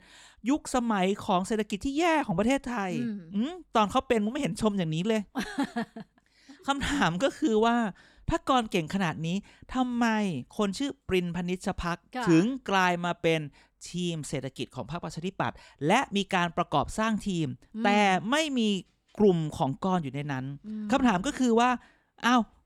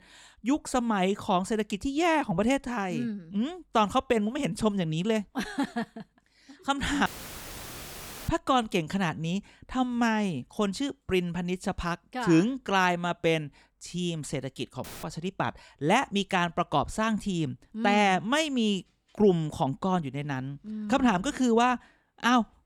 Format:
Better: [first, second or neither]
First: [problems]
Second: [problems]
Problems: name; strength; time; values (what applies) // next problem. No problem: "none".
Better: first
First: none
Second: audio cutting out; filled with static; at 7 s for 1 s and at 15 s